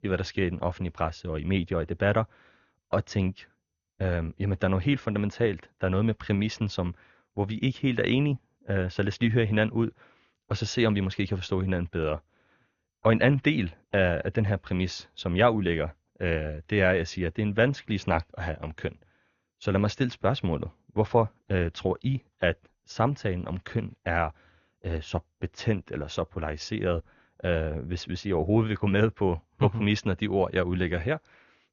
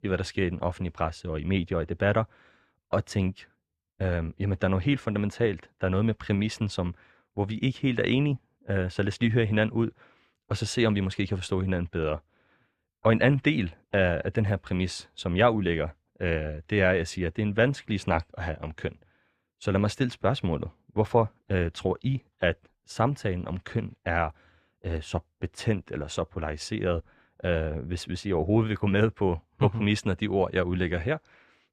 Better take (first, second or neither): second